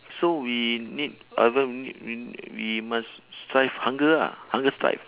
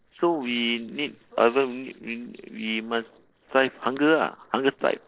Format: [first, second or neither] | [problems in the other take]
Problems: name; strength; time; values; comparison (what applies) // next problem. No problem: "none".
first | noise reduction (neural separator model SepFormer DNS4)